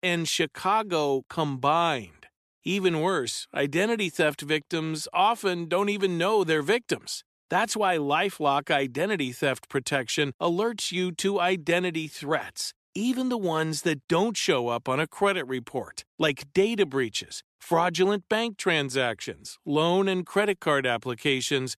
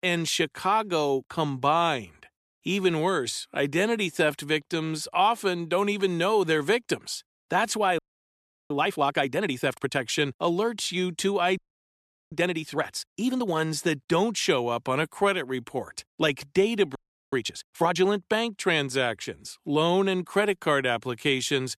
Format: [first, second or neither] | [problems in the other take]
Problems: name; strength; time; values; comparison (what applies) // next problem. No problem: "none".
first | audio freezing; at 8 s for 0.5 s, at 12 s for 0.5 s and at 17 s